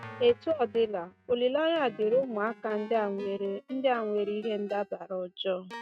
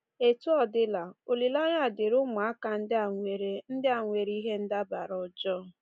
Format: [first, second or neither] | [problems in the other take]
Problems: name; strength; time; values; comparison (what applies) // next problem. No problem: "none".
second | noise reduction (neural mask model RNNoise)